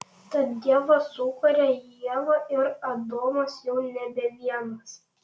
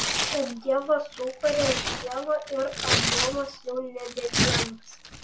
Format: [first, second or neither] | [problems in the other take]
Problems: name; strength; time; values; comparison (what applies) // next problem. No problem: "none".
first | background sound (Tearing); as loud as the speech